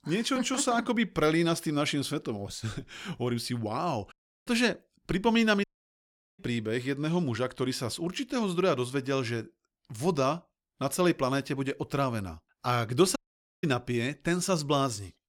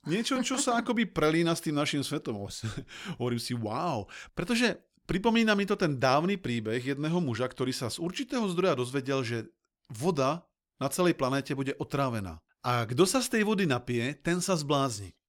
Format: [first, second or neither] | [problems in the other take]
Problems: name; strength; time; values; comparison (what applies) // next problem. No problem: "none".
second | audio cutting out; at 4 s, at 5.5 s for 0.5 s and at 13 s